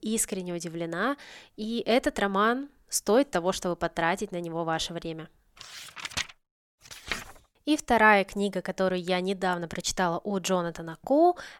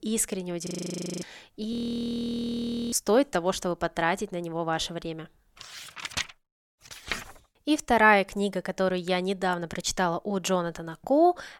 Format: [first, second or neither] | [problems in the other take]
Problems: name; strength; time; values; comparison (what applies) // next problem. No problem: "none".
first | audio freezing; at 0.5 s for 0.5 s and at 1.5 s for 1 s